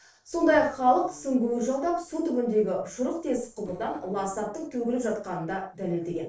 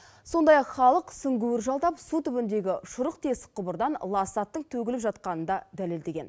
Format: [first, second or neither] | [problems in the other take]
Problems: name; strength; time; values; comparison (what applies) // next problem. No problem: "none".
second | noise reduction (neural separator model SepFormer DNS4)